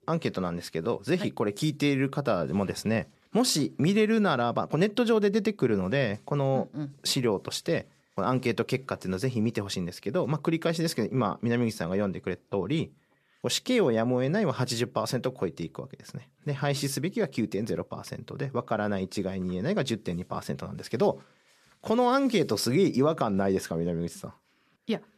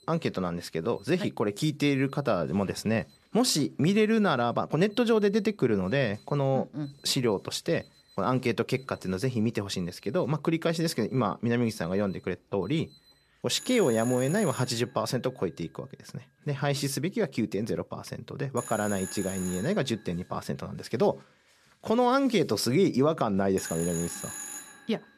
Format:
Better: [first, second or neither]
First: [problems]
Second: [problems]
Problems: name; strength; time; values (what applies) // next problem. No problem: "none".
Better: first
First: none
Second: alarms or sirens; noticeable; throughout; 10 dB below the speech